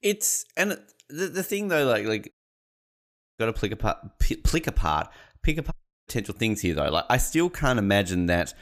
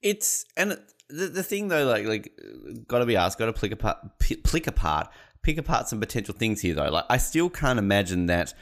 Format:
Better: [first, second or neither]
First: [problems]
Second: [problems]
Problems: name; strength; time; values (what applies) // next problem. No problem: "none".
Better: second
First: audio cutting out; at 2.5 s for 1 s and at 5.5 s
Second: none